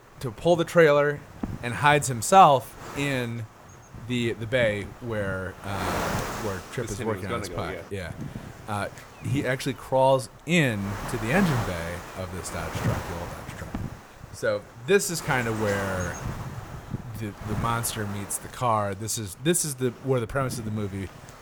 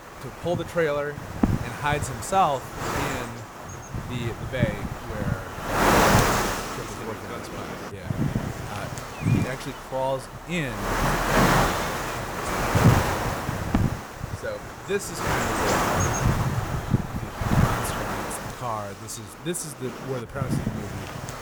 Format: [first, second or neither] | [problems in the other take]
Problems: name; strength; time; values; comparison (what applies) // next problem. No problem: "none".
first | wind noise on the microphone; heavy; 5 dB above the speech; occasional gusts in the first